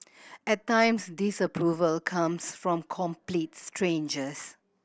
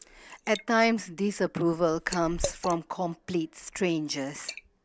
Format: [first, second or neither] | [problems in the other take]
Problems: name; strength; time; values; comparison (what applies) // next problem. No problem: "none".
first | background sound (Liquid); 13 dB below the speech